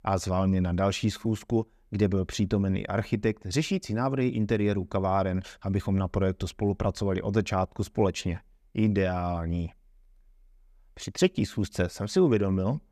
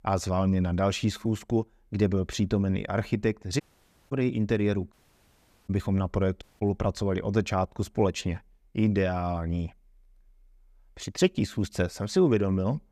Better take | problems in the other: first | audio cutting out; at 3.5 s for 0.5 s, at 5 s for 1 s and at 6.5 s

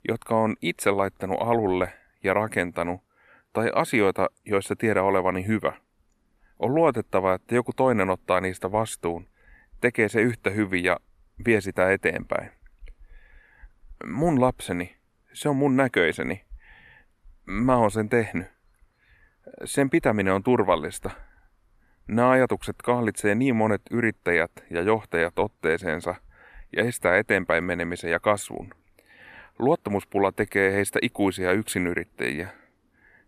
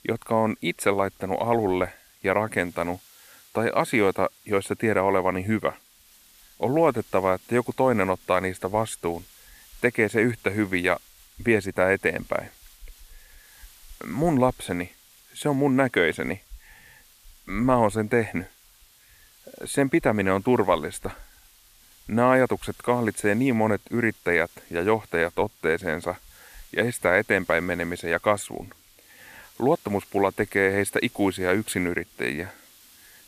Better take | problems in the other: first | hiss; faint; throughout; 25 dB below the speech

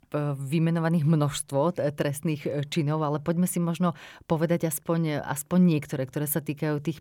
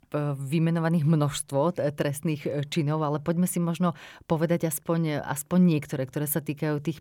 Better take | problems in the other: neither | none

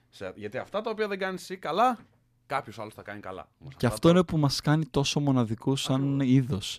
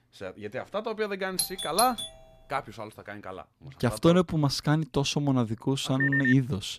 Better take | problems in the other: first | doorbell; noticeable; at 1.5 s; peak 2 dB below the speech // phone ringing; loud; at 6 s; peak 2 dB above the speech

